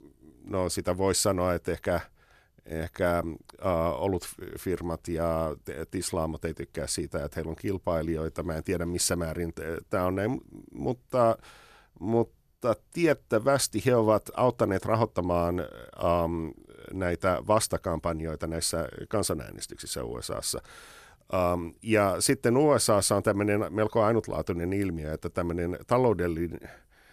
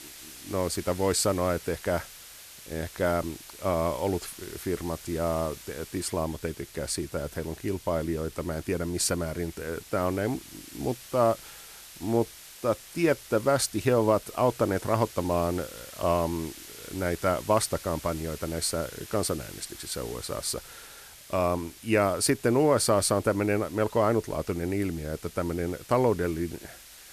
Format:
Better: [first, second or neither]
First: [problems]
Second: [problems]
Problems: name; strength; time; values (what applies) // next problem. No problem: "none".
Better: first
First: none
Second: hiss; noticeable; throughout; 15 dB below the speech